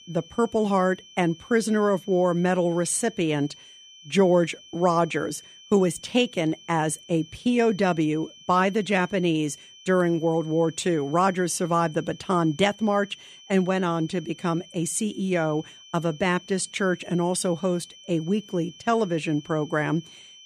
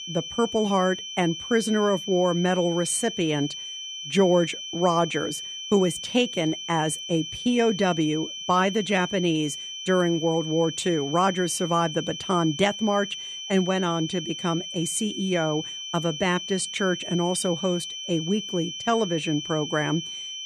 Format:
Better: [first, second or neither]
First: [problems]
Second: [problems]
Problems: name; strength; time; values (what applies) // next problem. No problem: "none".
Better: first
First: high-pitched whine; faint; throughout; 3 kHz, 20 dB below the speech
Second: high-pitched whine; loud; throughout; 3 kHz, 8 dB below the speech